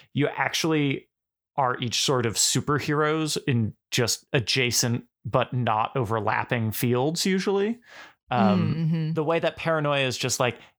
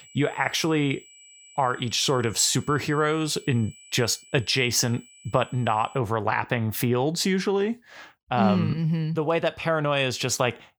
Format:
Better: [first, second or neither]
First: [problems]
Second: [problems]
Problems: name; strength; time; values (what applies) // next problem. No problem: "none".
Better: first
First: none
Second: high-pitched whine; faint; until 6 s; 8 kHz, 25 dB below the speech